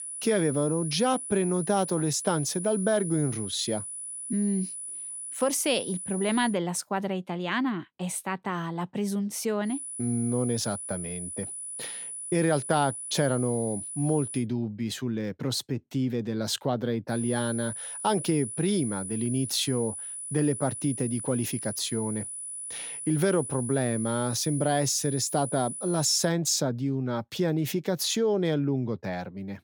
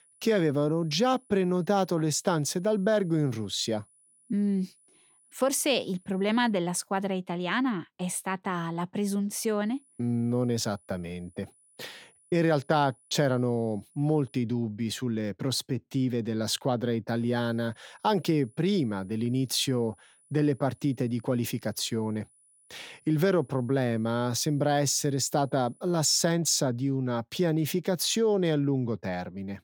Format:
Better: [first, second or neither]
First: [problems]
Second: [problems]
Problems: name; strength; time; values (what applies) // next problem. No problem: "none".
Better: second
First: high-pitched whine; loud; until 6.5 s, from 9.5 to 14 s and from 17 to 26 s; 10 kHz, 7 dB below the speech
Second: high-pitched whine; faint; until 6.5 s, from 9.5 to 14 s and from 17 to 26 s; 10 kHz, 30 dB below the speech